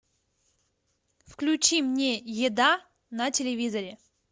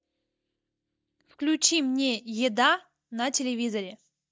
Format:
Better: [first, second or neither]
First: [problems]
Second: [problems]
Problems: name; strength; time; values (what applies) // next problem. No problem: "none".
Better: first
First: none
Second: noise reduction (neural mask model DeepFilterNet 3)